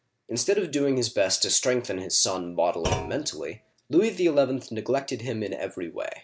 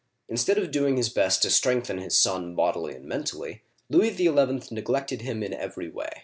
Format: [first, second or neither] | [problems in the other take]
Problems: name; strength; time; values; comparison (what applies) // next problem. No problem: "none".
second | background sound (Thump, thud); 9 dB below the speech